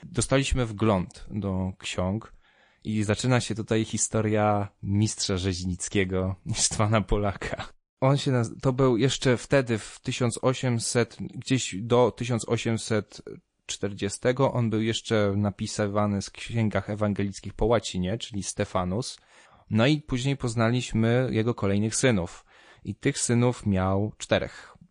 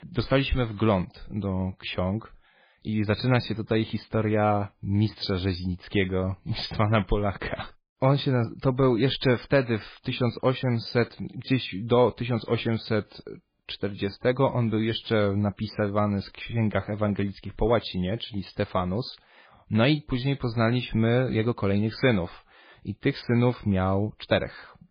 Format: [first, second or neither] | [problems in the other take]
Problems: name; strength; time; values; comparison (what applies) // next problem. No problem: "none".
first | garbled, watery; badly; slightly in the first